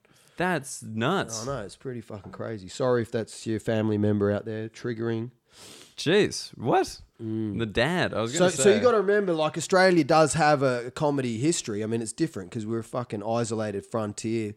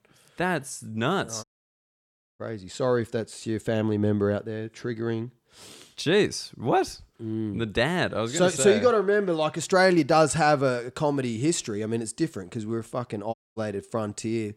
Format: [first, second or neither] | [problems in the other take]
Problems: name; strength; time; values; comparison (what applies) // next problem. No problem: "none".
first | audio cutting out; at 1.5 s for 1 s and at 13 s